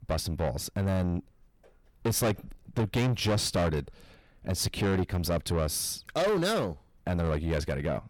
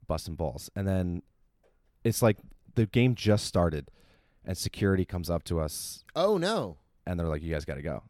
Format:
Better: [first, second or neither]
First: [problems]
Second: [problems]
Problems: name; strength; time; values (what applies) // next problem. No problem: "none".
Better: second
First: distortion; heavy; 6 dB below the speech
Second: none